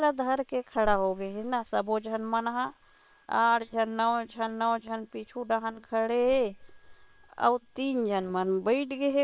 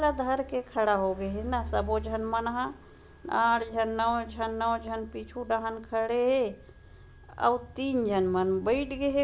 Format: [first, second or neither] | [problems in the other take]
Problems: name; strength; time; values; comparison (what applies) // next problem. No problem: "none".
second | noise reduction (neural separator model SepFormer WHAM!)